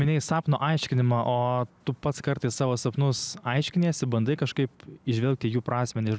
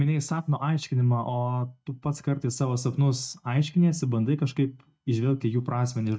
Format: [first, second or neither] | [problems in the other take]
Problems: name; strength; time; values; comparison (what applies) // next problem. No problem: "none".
first | noise reduction (neural mask model DeepFilterNet 3)